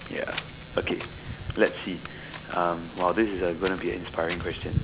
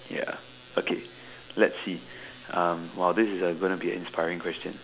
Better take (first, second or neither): second